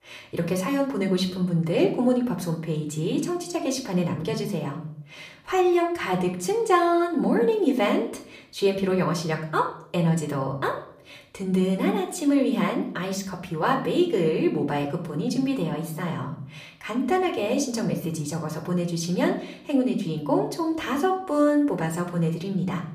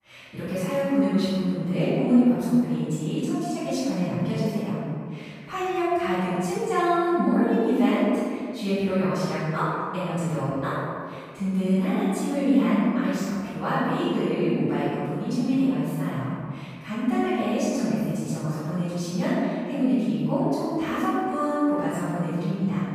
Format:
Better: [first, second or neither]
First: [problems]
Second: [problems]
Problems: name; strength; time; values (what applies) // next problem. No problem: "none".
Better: first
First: room echo; slight; dies away in 0.5 s // off-mic speech; somewhat distant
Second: room echo; strong; dies away in 1.9 s // off-mic speech; far